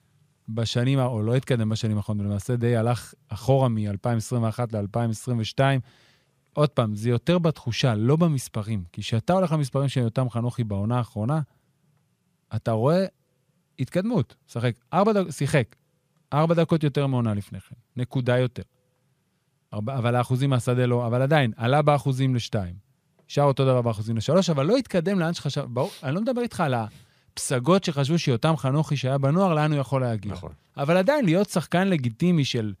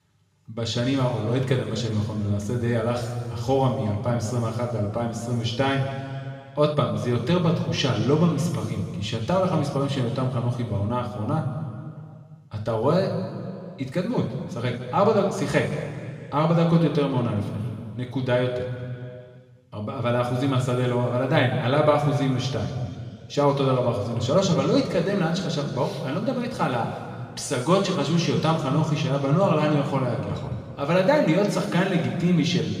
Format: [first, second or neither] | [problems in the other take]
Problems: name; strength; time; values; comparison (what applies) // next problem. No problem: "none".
first | room echo; noticeable; dies away in 2.2 s // off-mic speech; far